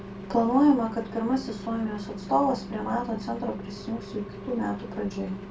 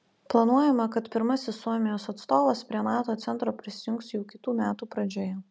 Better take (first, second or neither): second